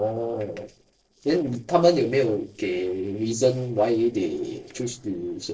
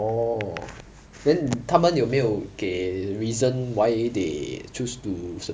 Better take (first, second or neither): second